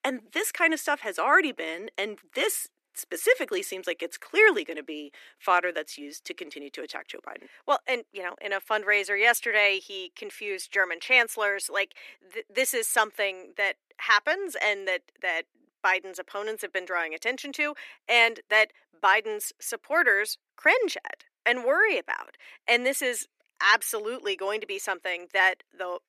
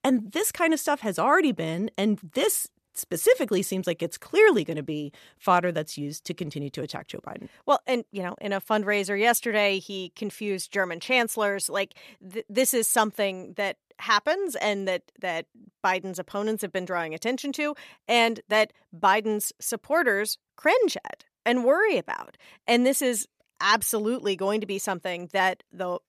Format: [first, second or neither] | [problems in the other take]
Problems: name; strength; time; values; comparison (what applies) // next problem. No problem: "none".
second | thin; somewhat; fading below 300 Hz